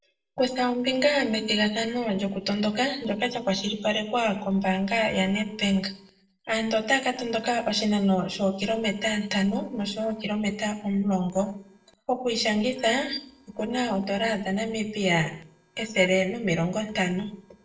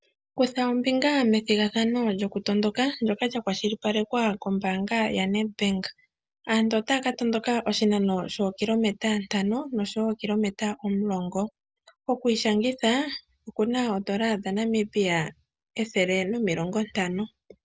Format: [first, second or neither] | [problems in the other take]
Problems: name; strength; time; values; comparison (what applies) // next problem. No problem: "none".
second | noise reduction (neural separator model SepFormer DNS4)